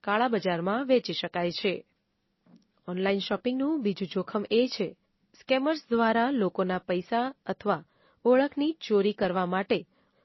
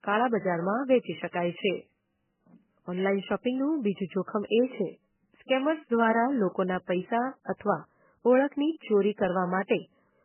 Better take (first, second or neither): first